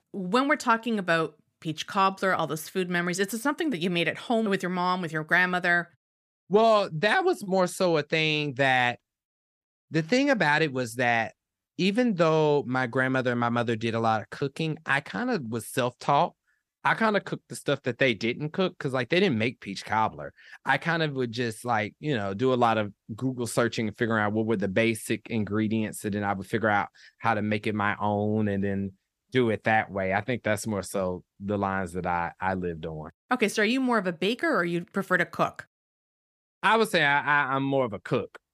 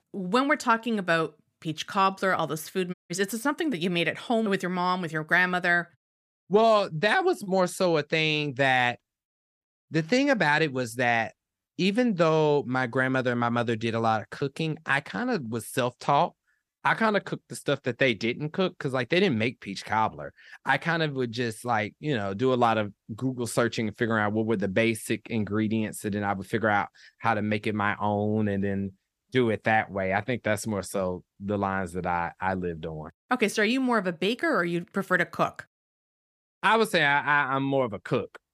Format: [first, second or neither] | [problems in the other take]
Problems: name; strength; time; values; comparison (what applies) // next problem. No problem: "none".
first | audio cutting out; at 3 s